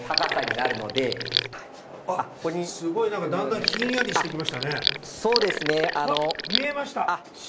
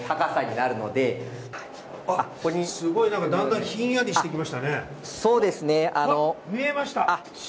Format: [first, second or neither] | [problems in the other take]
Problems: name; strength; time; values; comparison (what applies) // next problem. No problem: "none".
second | background sound (Sink (filling or washing)); 1 dB below the speech